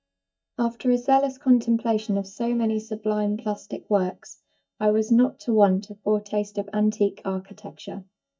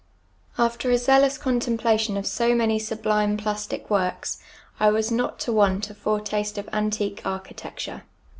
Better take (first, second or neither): second